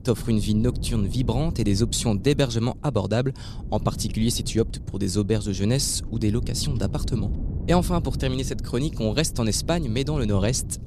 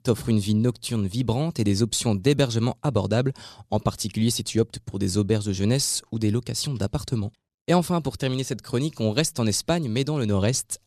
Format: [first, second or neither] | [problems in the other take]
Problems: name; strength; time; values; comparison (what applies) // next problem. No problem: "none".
second | wind noise on the microphone; occasional gusts; 15 dB below the speech